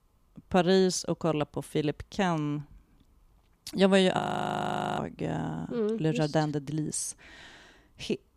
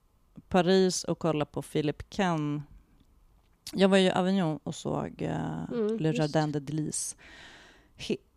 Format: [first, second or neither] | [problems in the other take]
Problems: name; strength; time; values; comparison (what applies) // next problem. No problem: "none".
second | audio freezing; at 4 s for 1 s